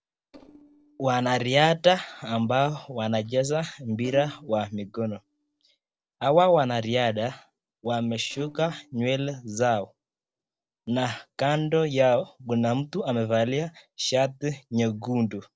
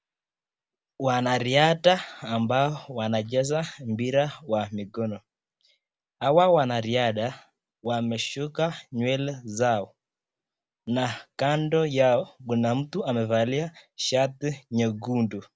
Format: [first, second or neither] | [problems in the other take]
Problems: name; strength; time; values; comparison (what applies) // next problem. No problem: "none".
second | noise reduction (neural separator model SepFormer DNS4)